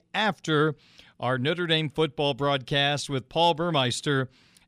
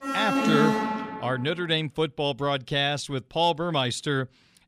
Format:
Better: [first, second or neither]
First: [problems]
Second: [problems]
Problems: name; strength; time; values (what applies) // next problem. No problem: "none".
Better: first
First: none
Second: alarm; loud; until 1.5 s; peak 4 dB above the speech